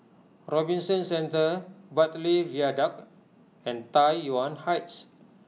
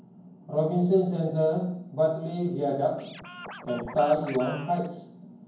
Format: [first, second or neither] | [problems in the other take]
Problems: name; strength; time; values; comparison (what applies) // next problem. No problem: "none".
first | background sound (Scratching (performance technique)); 14 dB below the speech // room echo; dies away in 0.9 s